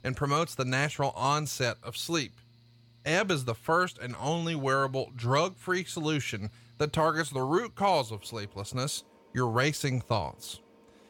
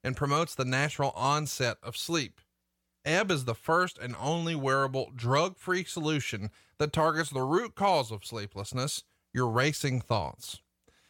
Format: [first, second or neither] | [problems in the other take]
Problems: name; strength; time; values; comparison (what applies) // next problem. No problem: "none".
second | machinery noise; faint; throughout; 30 dB below the speech